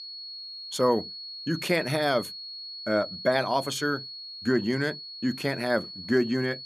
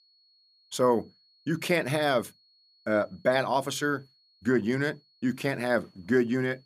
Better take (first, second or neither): second